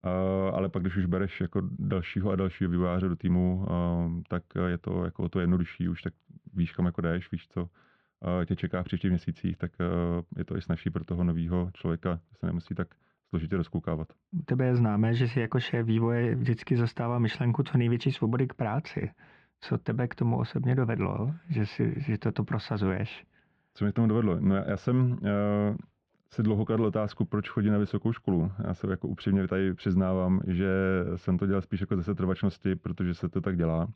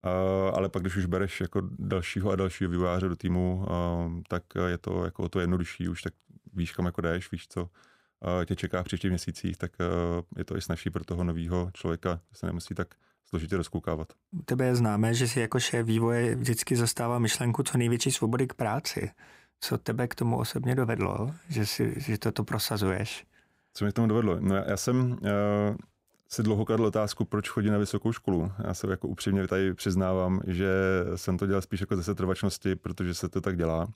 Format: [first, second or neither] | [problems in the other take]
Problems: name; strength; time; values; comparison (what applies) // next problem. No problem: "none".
second | muffled; slightly; fading above 3.5 kHz